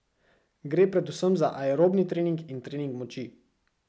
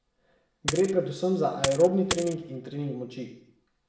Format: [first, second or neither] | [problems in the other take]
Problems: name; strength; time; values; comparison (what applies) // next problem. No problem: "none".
first | background sound (Coin (dropping)); 6 dB below the speech // room echo; dies away in 0.7 s